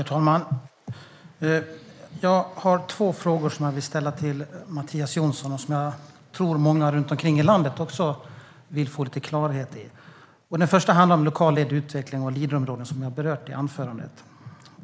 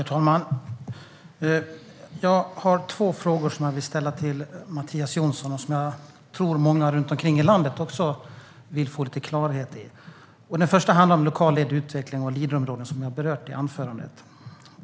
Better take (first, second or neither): second